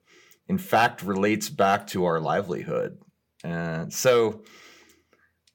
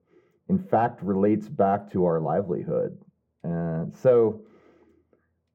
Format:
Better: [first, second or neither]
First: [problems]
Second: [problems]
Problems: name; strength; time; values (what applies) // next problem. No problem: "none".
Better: first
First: none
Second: muffled; very; fading above 1.5 kHz